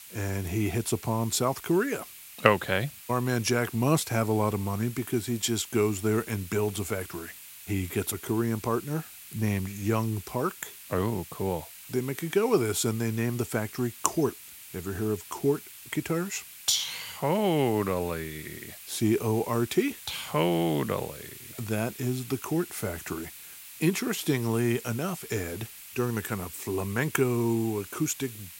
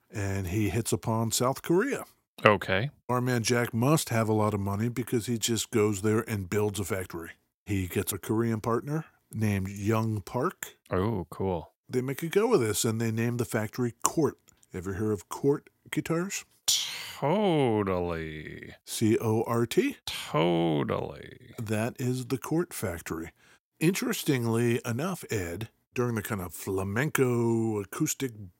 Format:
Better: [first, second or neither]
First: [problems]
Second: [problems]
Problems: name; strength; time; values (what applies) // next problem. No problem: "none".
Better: second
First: hiss; noticeable; throughout; 15 dB below the speech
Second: none